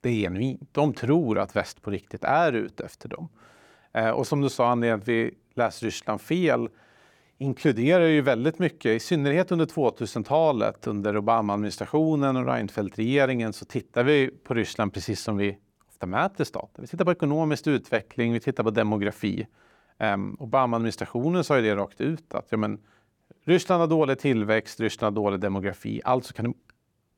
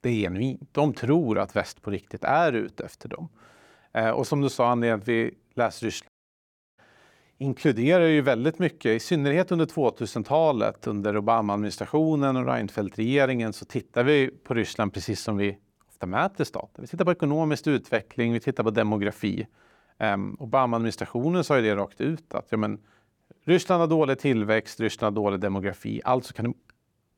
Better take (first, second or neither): first